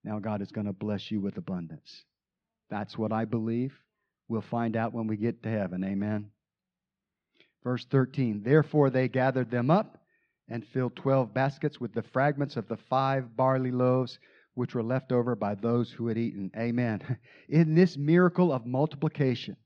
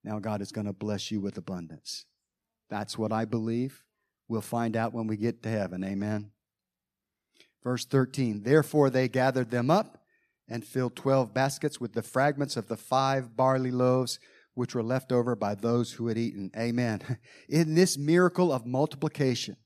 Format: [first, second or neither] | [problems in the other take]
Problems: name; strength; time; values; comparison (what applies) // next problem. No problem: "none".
second | muffled; slightly; fading above 3.5 kHz